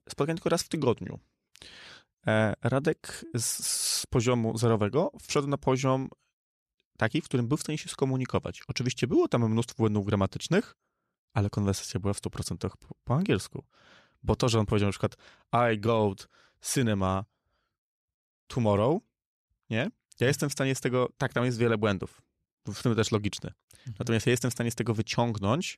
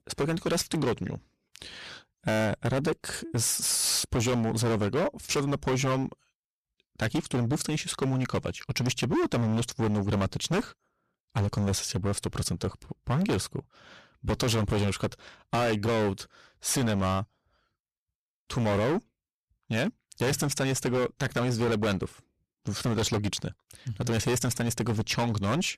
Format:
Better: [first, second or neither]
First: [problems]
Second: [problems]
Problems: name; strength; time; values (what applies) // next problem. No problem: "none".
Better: first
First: none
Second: distortion; heavy; 16% of the sound clipped